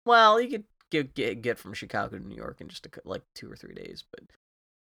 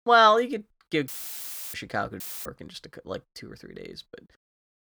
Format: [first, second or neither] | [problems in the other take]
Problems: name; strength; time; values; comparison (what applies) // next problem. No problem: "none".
first | audio cutting out; filled with static; at 1 s for 0.5 s and at 2 s